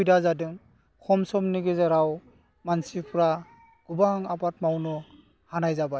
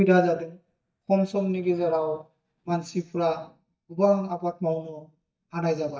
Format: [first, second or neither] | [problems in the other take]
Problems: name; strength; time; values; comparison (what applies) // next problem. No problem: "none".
first | noise reduction (neural mask model DeepFilterNet 3)